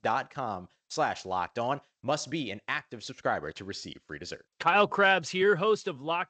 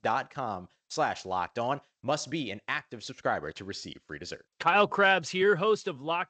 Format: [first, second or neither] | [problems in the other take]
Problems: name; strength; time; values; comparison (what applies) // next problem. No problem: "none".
neither | garbled, watery; slightly; nothing above 7.5 kHz; the same in both